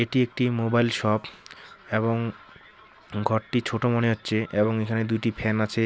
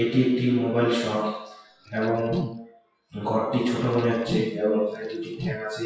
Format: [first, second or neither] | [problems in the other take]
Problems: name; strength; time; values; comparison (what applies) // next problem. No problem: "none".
first | noise reduction (classical method WPE with log-MMSE)